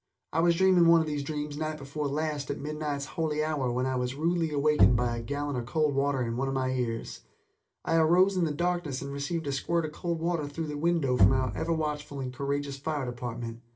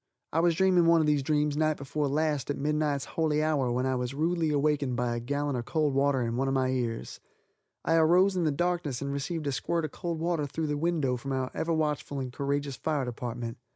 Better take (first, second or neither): second